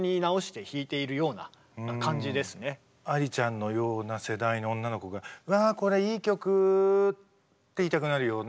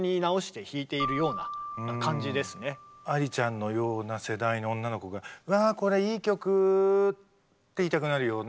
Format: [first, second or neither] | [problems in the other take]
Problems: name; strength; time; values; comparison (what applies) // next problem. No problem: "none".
first | background sound (Keyboard (musical)); 15 dB below the speech